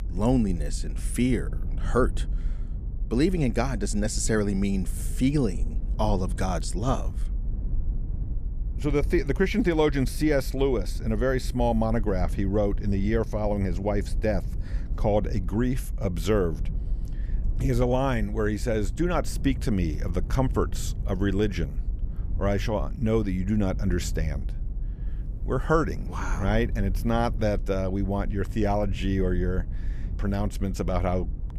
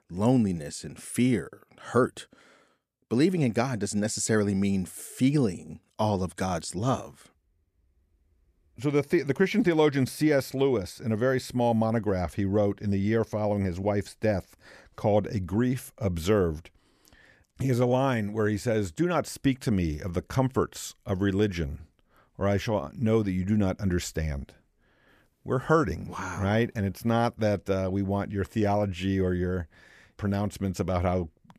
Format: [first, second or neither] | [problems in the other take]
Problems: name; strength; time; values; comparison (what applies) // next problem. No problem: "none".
second | low rumble; faint; throughout; 20 dB below the speech